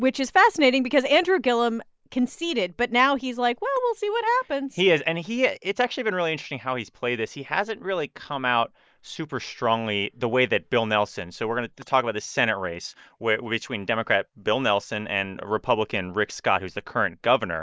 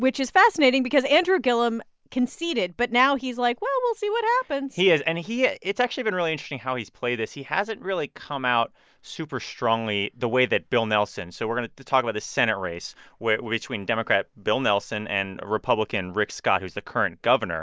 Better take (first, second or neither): second